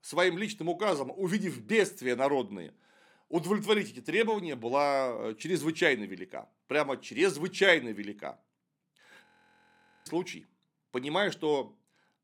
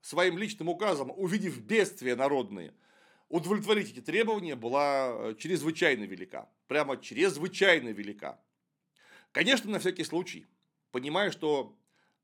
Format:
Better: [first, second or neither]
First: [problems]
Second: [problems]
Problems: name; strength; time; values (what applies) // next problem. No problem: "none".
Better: second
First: audio freezing; at 9.5 s for 1 s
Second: none